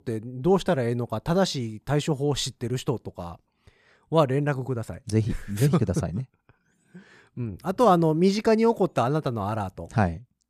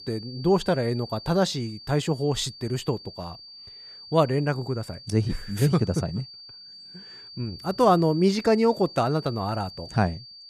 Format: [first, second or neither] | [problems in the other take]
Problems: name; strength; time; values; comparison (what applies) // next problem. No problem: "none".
first | high-pitched whine; noticeable; throughout; 4.5 kHz, 15 dB below the speech